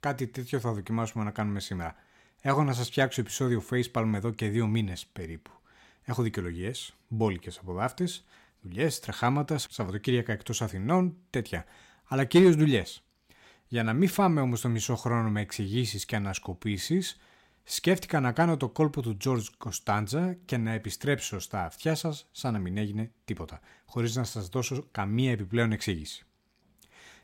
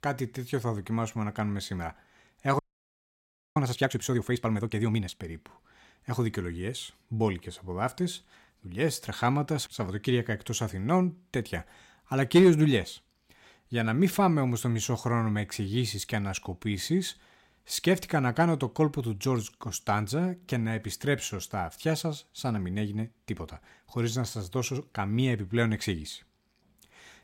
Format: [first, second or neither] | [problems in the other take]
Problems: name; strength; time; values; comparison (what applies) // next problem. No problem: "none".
first | audio freezing; at 2.5 s for 1 s